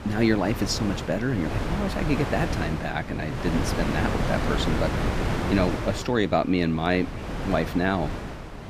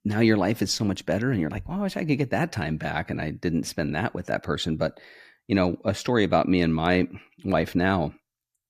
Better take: second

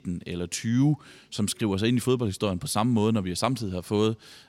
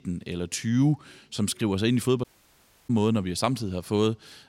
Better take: first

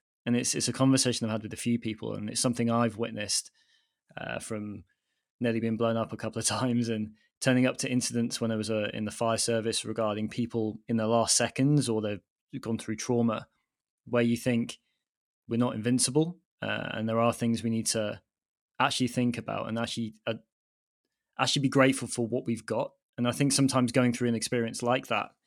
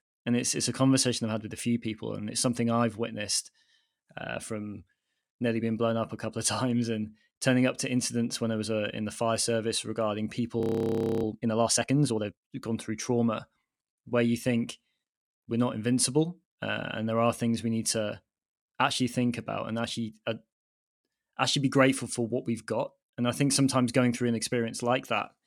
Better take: first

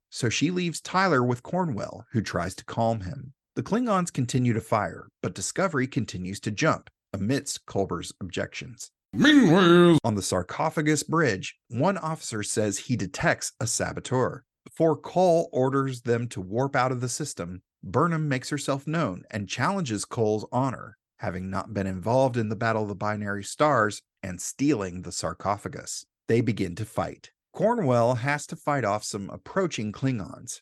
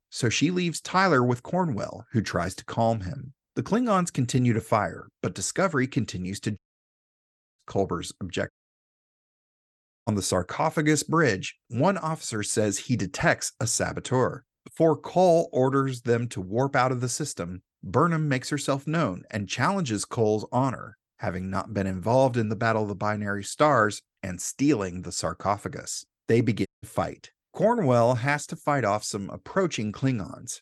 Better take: first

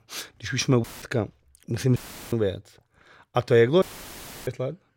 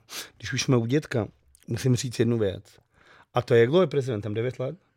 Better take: second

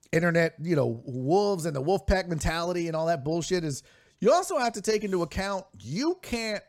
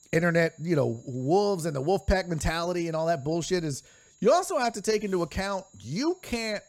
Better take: first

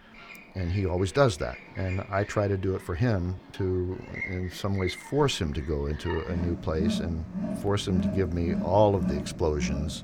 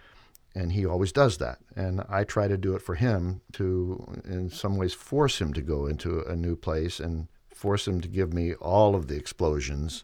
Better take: second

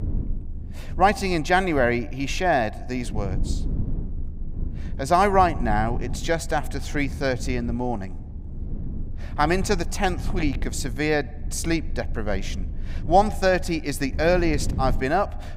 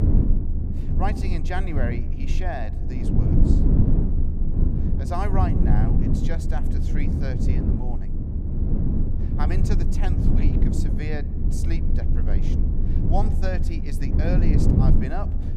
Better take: first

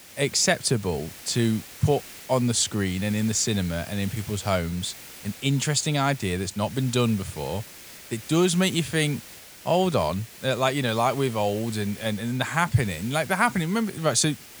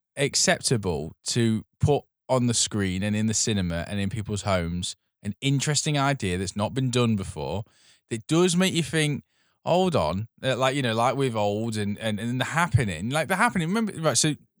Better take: second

